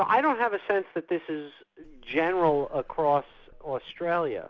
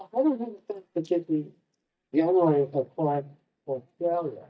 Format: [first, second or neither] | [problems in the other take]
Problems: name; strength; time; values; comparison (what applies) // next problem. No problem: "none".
first | noise reduction (neural mask model DeepFilterNet 3)